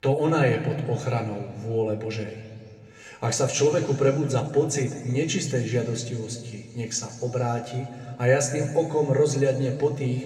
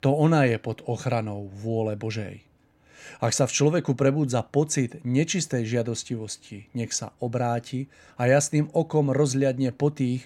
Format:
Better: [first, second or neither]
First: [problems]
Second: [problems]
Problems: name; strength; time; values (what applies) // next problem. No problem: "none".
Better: second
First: room echo; slight; dies away in 2.1 s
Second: none